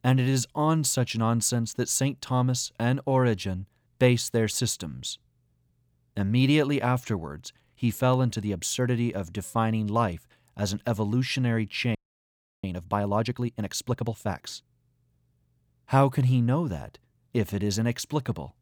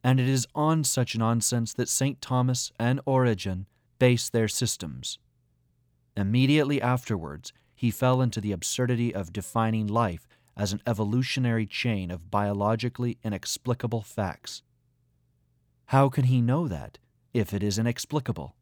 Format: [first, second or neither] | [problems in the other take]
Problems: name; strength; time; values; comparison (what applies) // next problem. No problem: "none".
second | audio freezing; at 12 s for 0.5 s